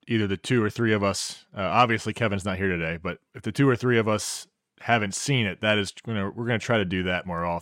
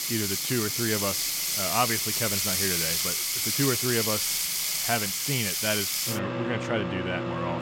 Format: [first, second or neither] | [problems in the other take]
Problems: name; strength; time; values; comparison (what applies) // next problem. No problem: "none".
first | household noises; very loud; throughout; 5 dB above the speech